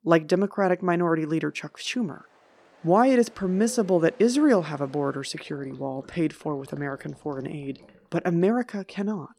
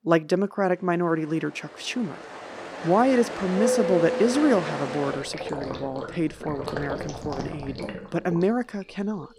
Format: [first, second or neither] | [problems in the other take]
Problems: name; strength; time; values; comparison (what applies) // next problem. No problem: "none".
first | rain or running water; loud; throughout; 6 dB below the speech; faint in the first